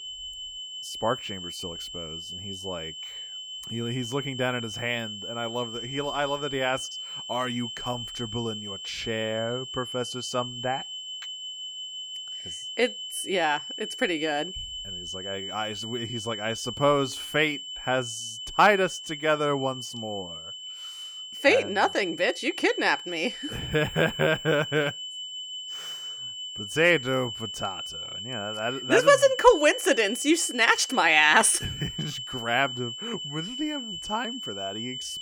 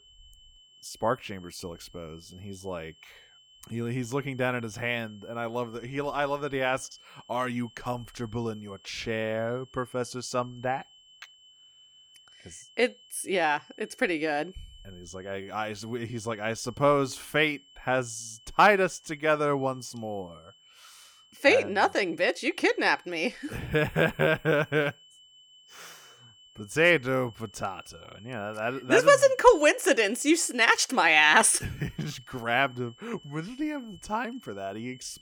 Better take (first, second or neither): second